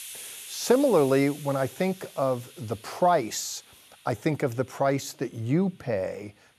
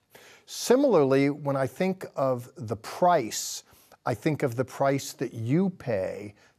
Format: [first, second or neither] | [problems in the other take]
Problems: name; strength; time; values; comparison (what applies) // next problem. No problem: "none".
second | hiss; noticeable; throughout; 15 dB below the speech